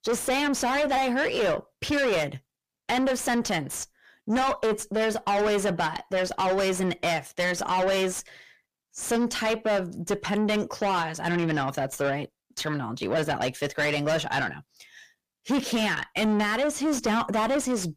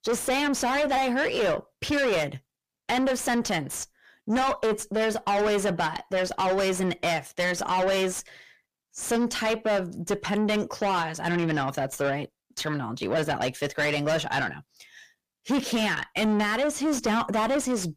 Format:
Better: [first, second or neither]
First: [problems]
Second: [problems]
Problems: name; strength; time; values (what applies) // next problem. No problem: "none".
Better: neither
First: distortion; heavy; 5 dB below the speech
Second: distortion; heavy; 5 dB below the speech